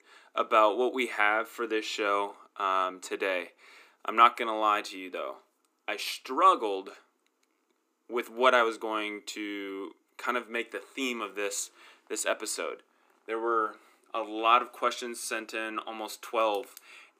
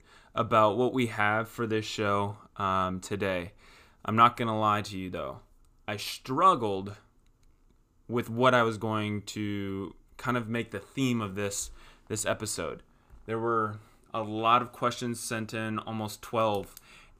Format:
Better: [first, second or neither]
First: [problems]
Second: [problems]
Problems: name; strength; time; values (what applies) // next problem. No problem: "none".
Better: second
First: thin; somewhat; fading below 300 Hz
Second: none